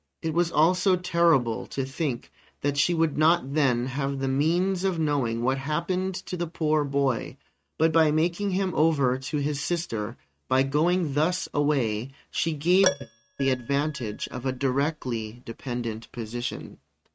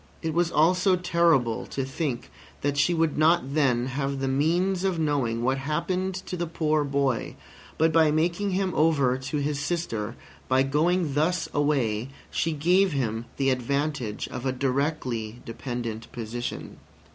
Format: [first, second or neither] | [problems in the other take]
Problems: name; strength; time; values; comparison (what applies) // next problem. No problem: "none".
second | noise reduction (neural mask model RNNoise)